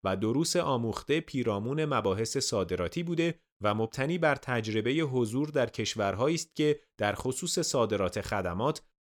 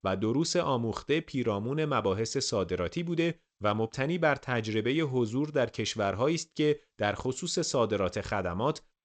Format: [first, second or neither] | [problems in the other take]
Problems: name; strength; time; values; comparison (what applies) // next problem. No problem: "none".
first | garbled, watery; slightly; nothing above 8 kHz